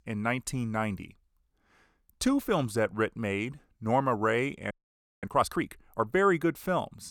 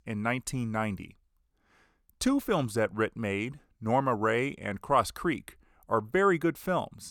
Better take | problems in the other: second | audio freezing; at 4.5 s for 0.5 s

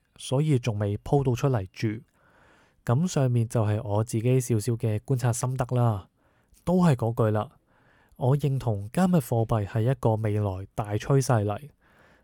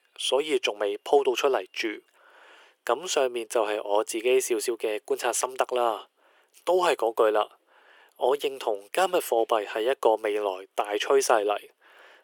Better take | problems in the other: first | thin; very; fading below 350 Hz

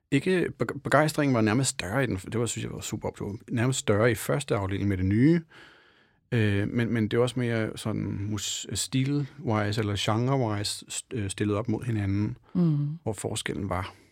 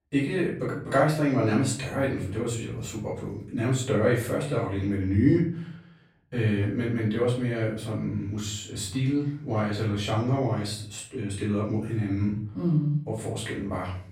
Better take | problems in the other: first | off-mic speech; far // room echo; noticeable; dies away in 0.5 s

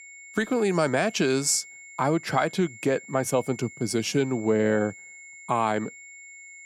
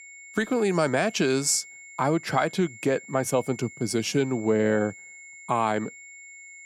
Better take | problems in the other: neither | high-pitched whine; noticeable; throughout; 2 kHz, 20 dB below the speech; the same in both

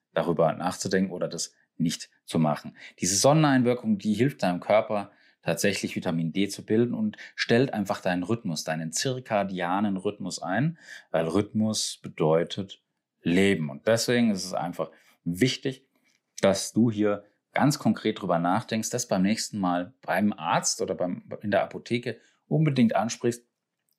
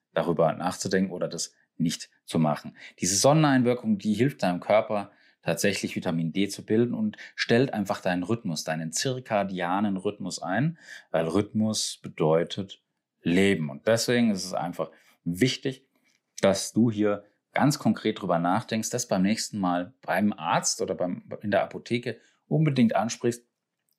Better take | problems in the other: neither | none

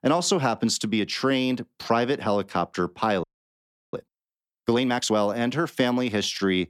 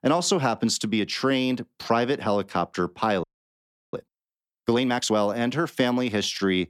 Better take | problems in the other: neither | audio freezing; at 3 s for 0.5 s; the same in both

